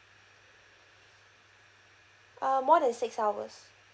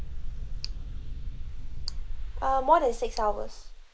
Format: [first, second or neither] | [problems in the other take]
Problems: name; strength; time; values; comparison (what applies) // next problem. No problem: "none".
first | noise reduction (neural mask model Resemble Enhance denoiser)